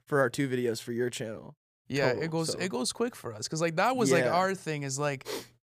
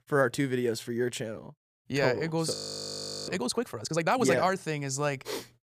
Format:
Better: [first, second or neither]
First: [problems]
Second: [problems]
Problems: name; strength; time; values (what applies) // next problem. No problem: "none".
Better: first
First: none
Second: audio freezing; at 2.5 s for 0.5 s